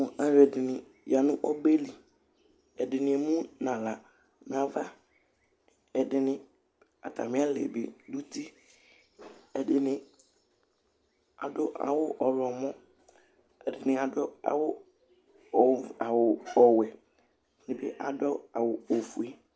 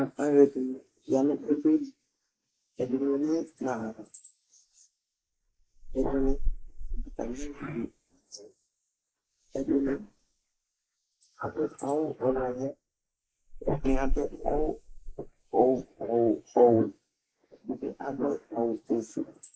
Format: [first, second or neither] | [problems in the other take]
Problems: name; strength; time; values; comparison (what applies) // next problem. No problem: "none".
first | noise reduction (neural mask model Resemble Enhance denoiser)